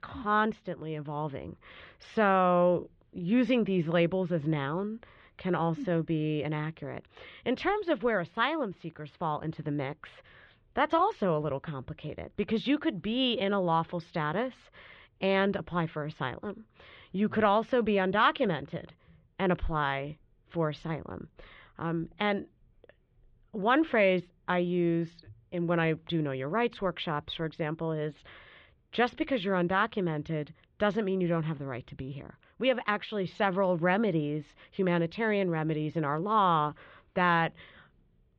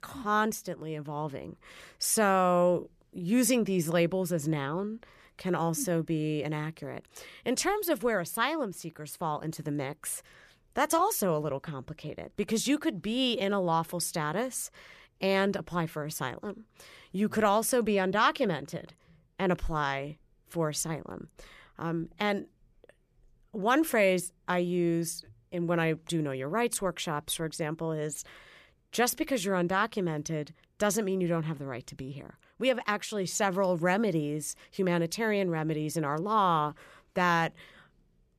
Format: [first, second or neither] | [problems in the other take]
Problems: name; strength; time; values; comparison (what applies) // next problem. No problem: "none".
second | muffled; very; fading above 3.5 kHz